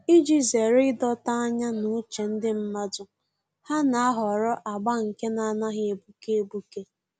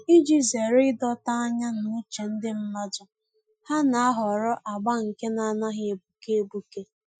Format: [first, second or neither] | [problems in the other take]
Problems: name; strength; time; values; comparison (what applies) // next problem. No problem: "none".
first | noise reduction (classical method Wiener filter)